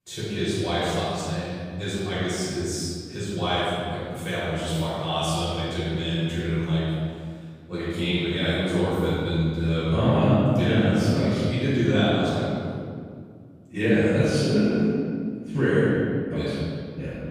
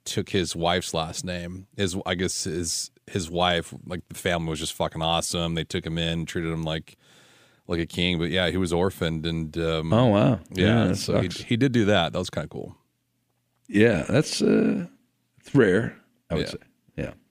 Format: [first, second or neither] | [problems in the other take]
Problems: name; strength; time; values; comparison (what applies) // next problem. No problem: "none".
second | room echo; strong; dies away in 2 s // off-mic speech; far